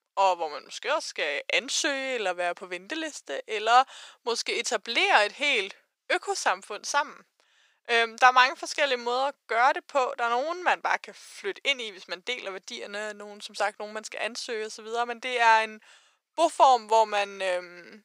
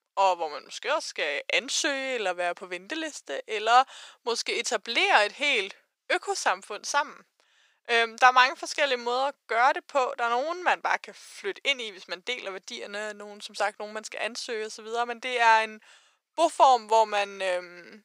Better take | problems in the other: neither | thin; very; fading below 450 Hz; the same in both

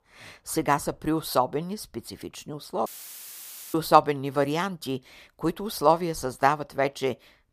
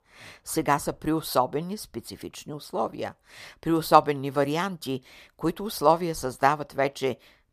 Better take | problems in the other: second | audio cutting out; filled with static; at 3 s for 1 s

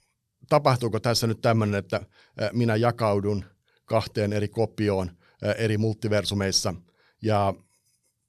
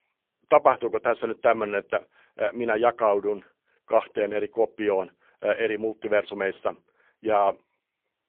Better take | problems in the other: first | phone-call audio; poor line; nothing above 3.5 kHz

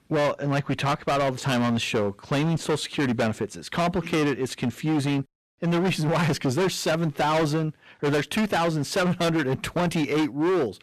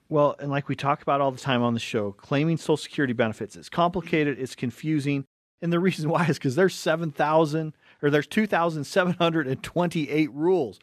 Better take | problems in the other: second | distortion; heavy; 23% of the sound clipped

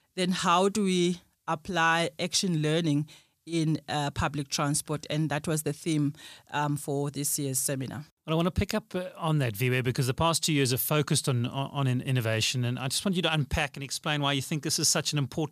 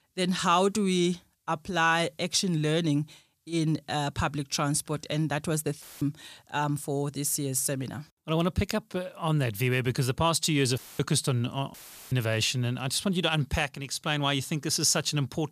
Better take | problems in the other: first | audio cutting out; filled with static; at 6 s, at 11 s and at 12 s

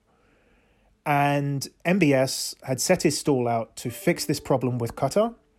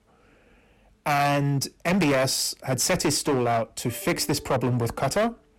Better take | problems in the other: first | distortion; heavy; 14% of the sound clipped

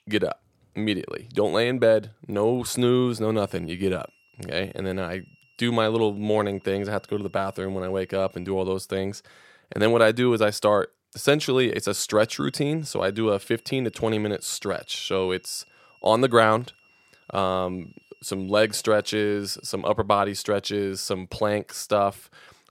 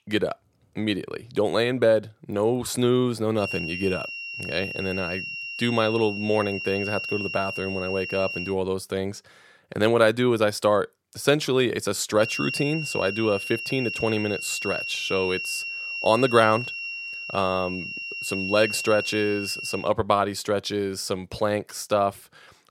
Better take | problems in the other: first | high-pitched whine; loud; from 3.5 to 8.5 s and from 12 to 20 s; 2.5 kHz, 6 dB below the speech; faint in the first

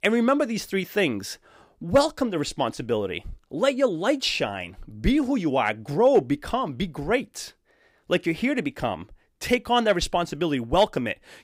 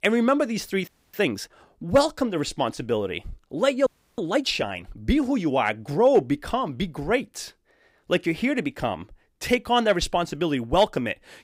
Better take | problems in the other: first | audio freezing; at 1 s and at 4 s

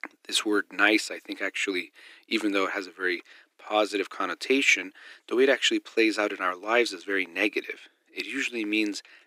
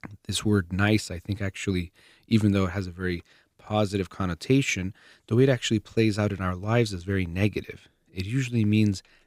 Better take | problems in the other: second | thin; very; fading below 300 Hz

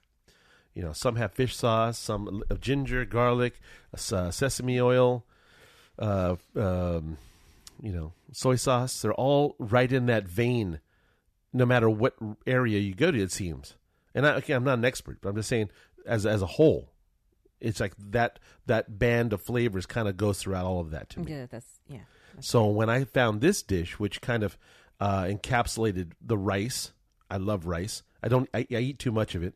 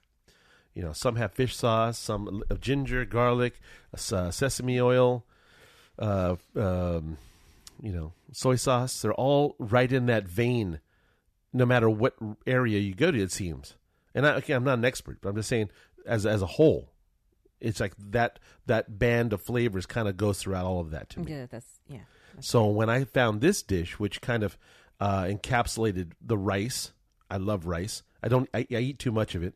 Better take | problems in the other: neither | none

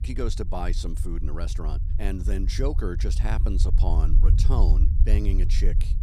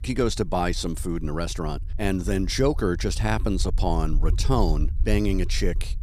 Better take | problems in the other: second | low rumble; loud; throughout; 9 dB below the speech; faint in the second

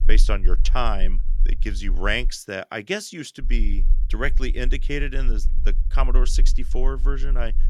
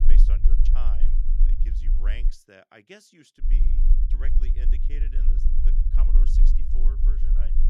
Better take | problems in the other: first | low rumble; loud; until 2.5 s and from 3.5 s on; 2 dB below the speech; faint in the first

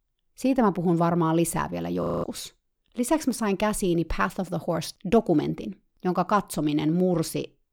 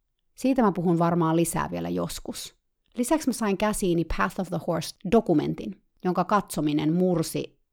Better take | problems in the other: second | audio freezing; at 2 s

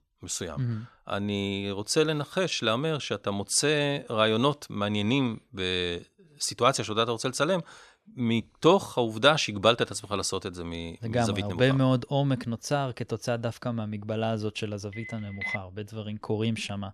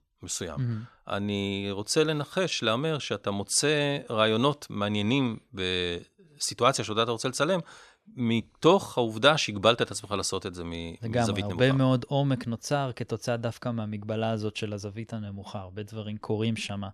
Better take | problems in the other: second | phone ringing; noticeable; at 15 s; peak 5 dB below the speech

